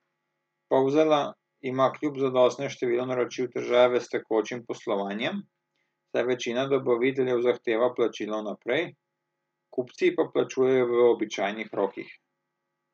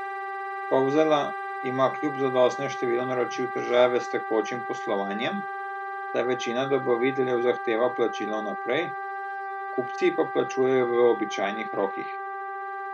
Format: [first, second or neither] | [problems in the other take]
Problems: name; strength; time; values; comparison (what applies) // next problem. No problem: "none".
first | background sound (Wind instrument, woodwind instrument); 6 dB below the speech